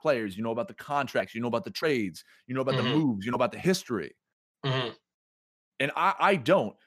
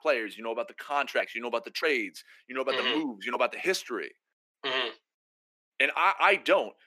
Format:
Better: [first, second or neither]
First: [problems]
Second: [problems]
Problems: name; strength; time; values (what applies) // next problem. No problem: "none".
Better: first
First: none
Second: thin; somewhat; fading below 300 Hz